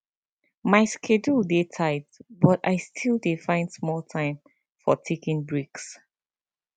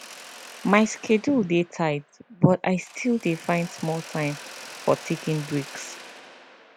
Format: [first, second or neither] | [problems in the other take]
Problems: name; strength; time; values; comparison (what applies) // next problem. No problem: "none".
first | background sound (Mechanisms); 17 dB below the speech